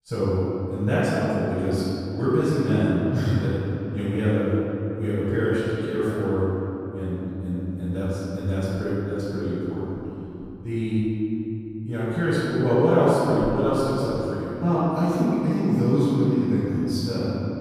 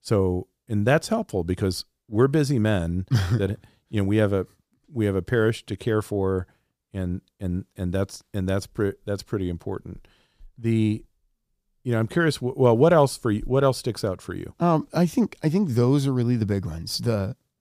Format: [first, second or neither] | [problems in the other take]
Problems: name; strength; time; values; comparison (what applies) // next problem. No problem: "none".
second | room echo; strong; dies away in 3 s // off-mic speech; far